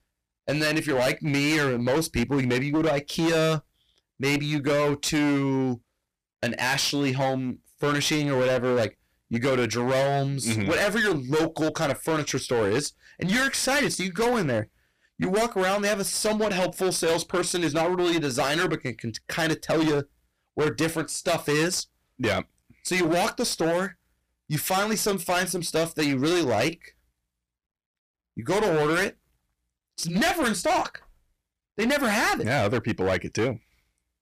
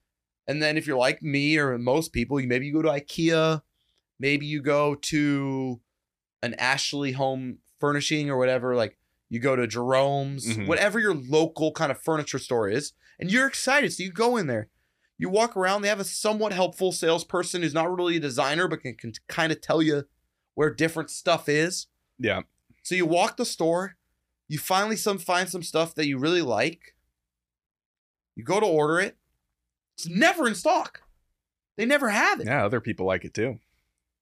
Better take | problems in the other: second | distortion; heavy; 19% of the sound clipped

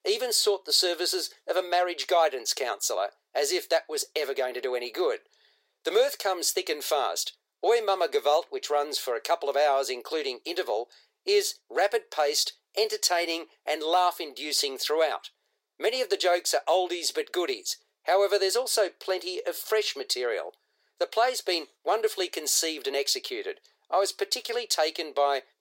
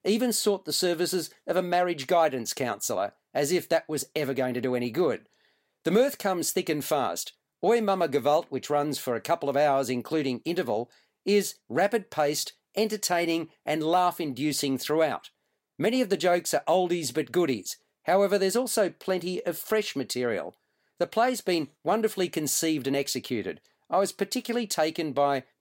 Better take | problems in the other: second | thin; very; fading below 400 Hz

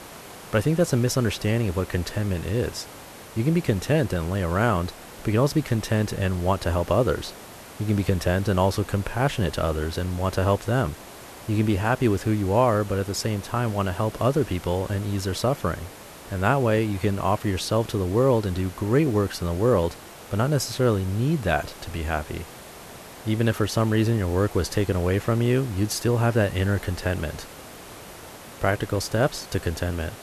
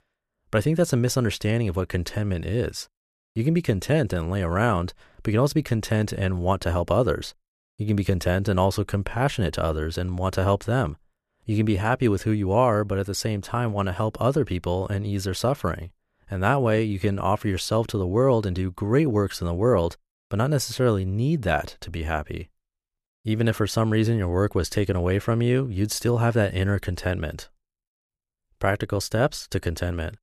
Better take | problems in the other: second | hiss; noticeable; throughout; 15 dB below the speech

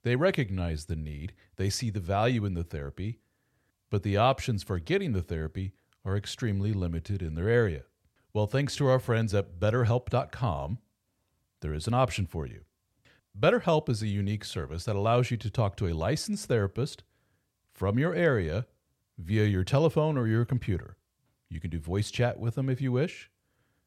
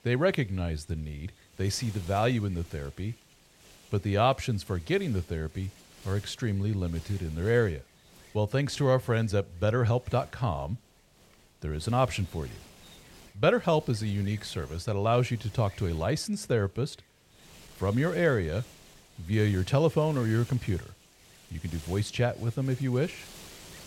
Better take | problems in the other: first | wind noise on the microphone; occasional gusts; 20 dB below the speech

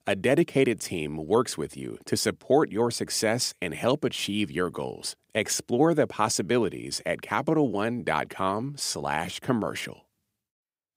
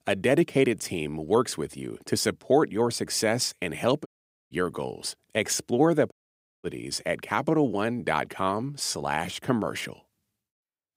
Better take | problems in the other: first | audio cutting out; at 4 s and at 6 s for 0.5 s

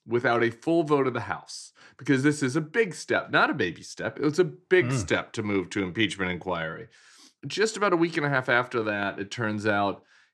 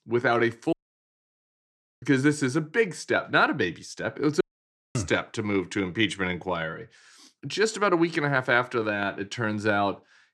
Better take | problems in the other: first | audio cutting out; at 0.5 s for 1.5 s and at 4.5 s for 0.5 s

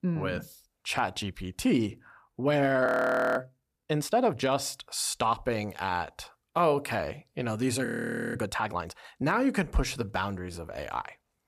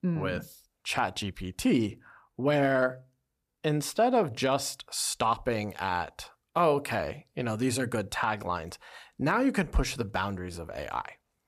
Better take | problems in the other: second | audio freezing; at 3 s for 0.5 s and at 8 s for 0.5 s

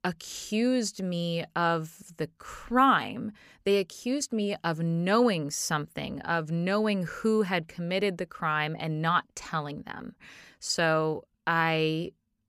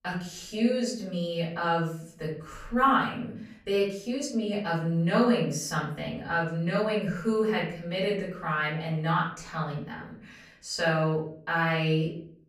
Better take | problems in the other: first | off-mic speech; far // room echo; noticeable; dies away in 0.5 s

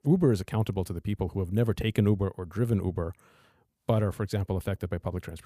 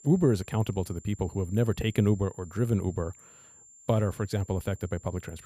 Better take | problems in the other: first | high-pitched whine; faint; throughout; 7.5 kHz, 20 dB below the speech

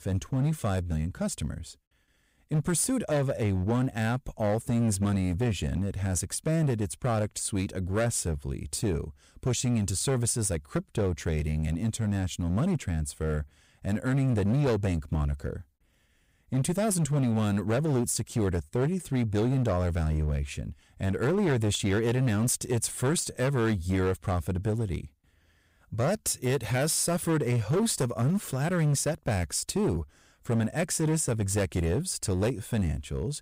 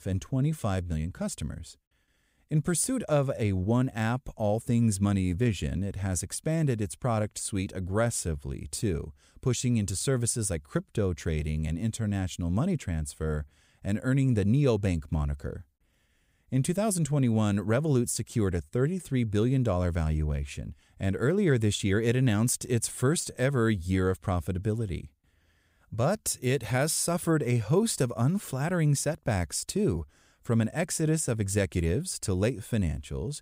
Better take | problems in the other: second | distortion; slight; 10% of the sound clipped

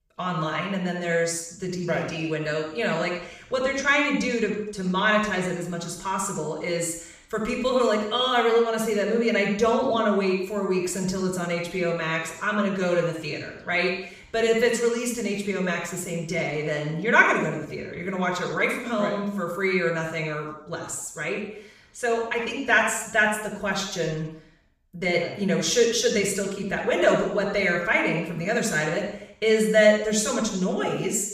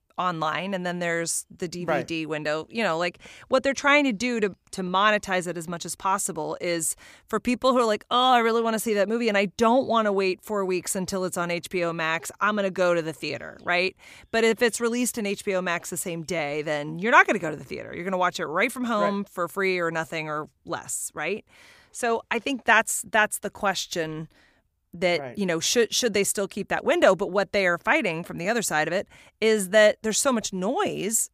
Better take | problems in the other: second | room echo; noticeable; dies away in 0.7 s // off-mic speech; far

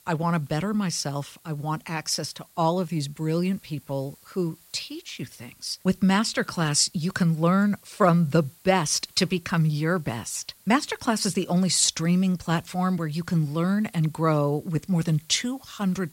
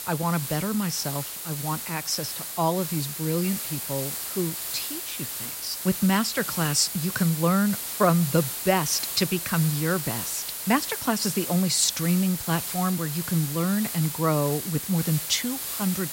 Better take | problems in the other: first | hiss; loud; throughout; 5 dB below the speech; faint in the first

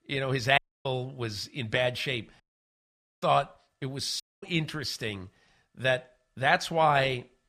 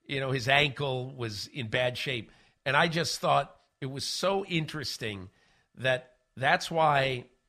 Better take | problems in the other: second | audio cutting out; at 0.5 s, at 2.5 s for 1 s and at 4 s

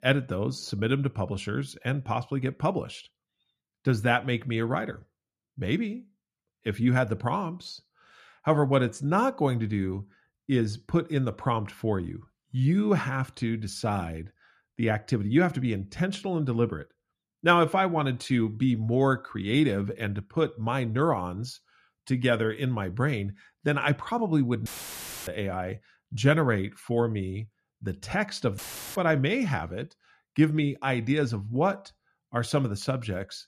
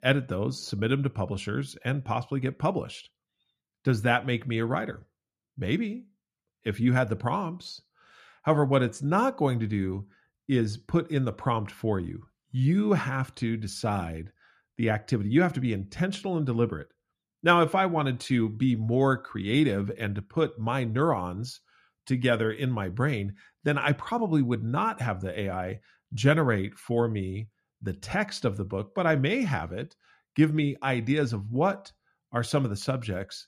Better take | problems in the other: second | audio cutting out; filled with static; at 25 s for 0.5 s and at 29 s

